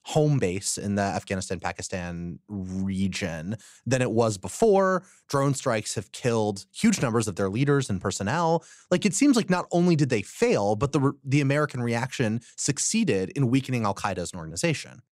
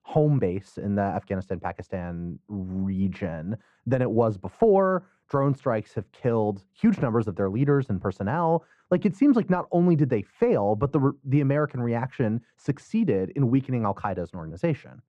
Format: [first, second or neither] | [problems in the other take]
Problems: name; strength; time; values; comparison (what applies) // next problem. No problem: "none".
first | muffled; very; fading above 3.5 kHz